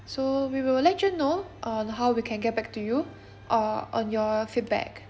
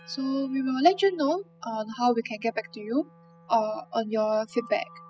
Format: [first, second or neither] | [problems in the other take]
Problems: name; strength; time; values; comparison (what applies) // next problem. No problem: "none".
first | noise reduction (classical method spectral subtraction)